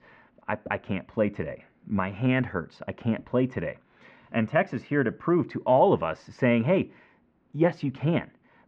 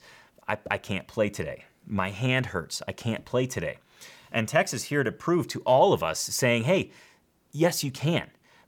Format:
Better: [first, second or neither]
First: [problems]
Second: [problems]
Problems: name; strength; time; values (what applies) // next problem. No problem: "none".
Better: second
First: muffled; very; fading above 2 kHz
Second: none